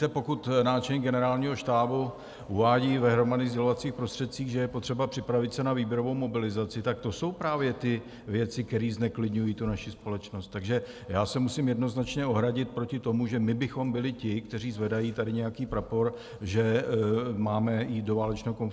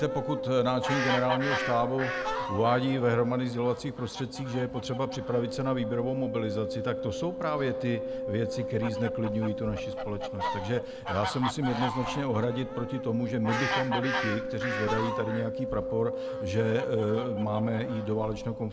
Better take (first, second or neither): first